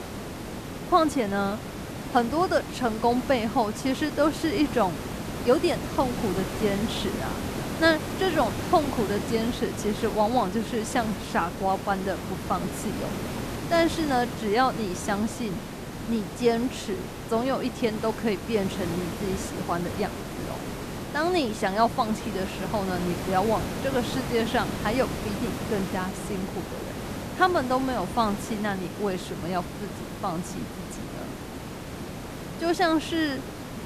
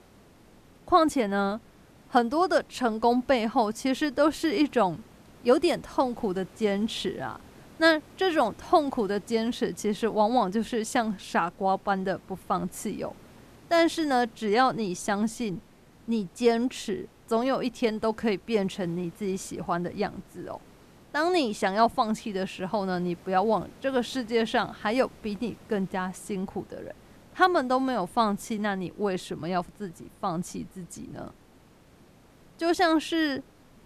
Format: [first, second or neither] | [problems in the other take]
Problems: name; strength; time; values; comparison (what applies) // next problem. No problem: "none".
second | hiss; loud; throughout; 7 dB below the speech; faint in the second